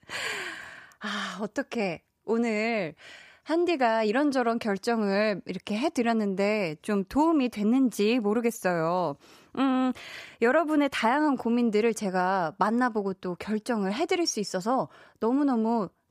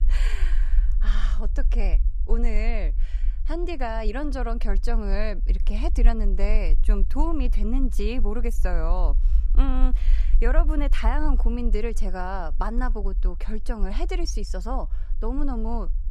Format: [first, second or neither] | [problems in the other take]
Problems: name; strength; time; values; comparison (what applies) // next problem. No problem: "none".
first | low rumble; noticeable; throughout; 20 dB below the speech